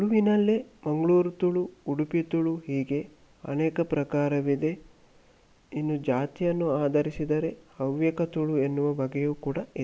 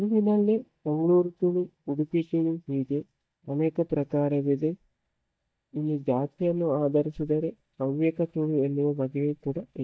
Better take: first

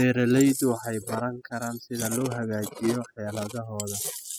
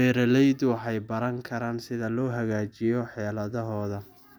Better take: second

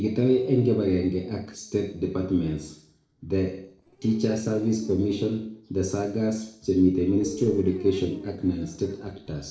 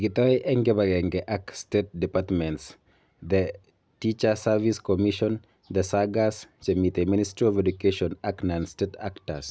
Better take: second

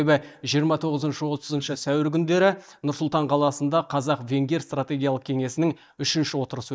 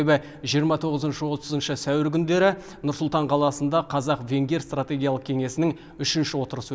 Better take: second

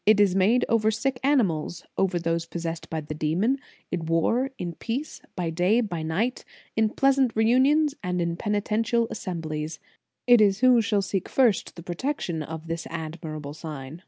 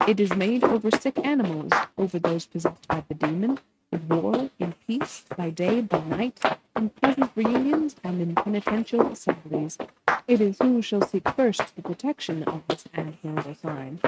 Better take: first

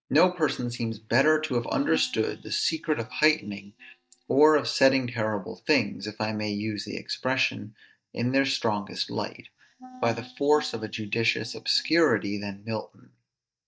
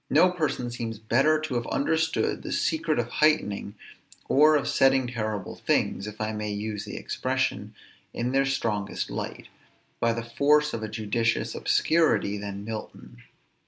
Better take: second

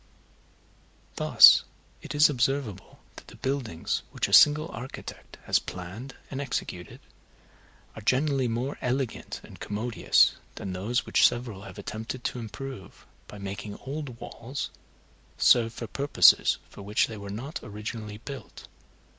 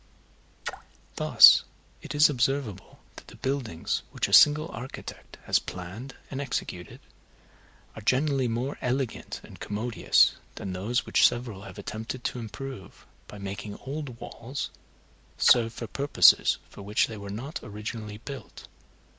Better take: first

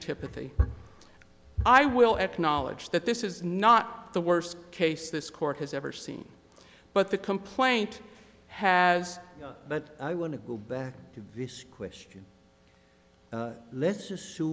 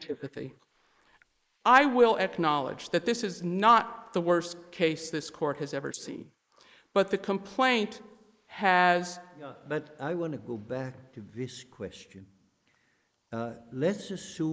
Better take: first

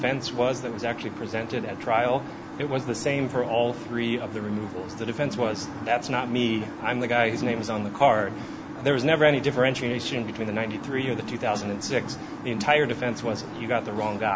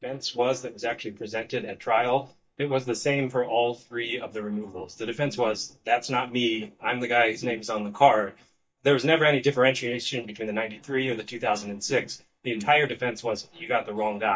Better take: first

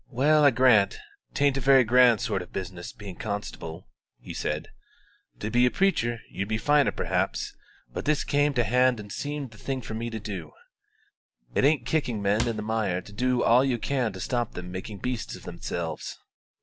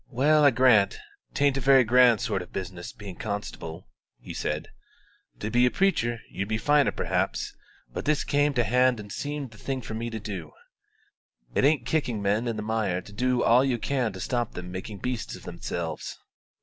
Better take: second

